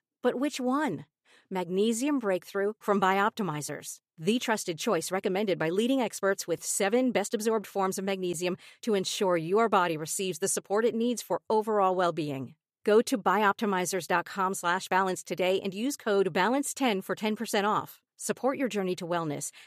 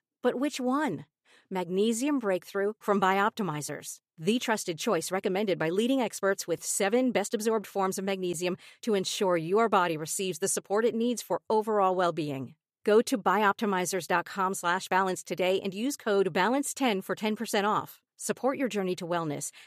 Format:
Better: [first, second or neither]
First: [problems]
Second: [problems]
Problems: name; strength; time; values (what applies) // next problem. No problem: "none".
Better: neither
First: none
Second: none